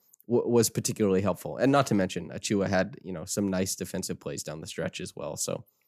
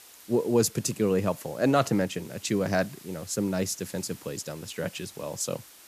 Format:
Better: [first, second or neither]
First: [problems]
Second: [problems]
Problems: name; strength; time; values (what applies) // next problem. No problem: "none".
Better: first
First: none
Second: hiss; noticeable; throughout; 20 dB below the speech